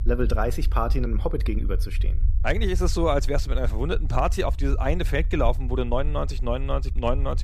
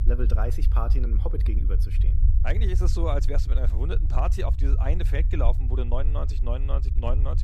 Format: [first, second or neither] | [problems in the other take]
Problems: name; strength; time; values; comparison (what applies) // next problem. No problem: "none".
first | low rumble; loud; throughout; 10 dB below the speech; faint in the first